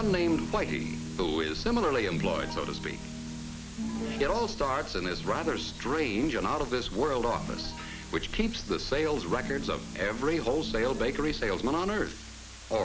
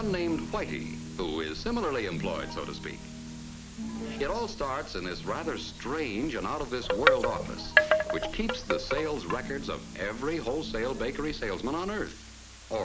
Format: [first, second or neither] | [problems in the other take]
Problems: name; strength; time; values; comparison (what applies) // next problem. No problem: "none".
first | background sound (Wind chime); 5 dB above the speech